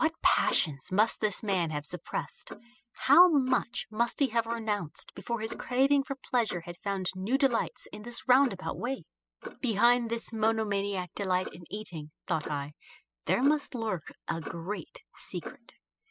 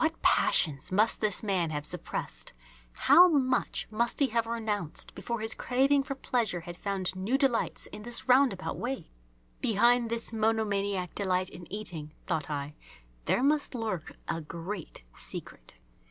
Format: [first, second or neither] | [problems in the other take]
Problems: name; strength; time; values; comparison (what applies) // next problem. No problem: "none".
second | noise reduction (classical method spectral subtraction)